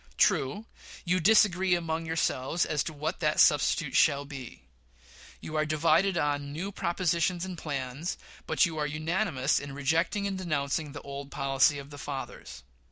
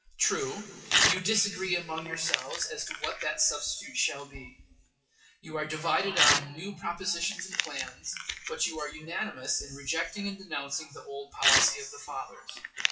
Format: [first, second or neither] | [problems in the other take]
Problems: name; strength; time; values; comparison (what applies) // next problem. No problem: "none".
first | noise reduction (classical method WPE with log-MMSE)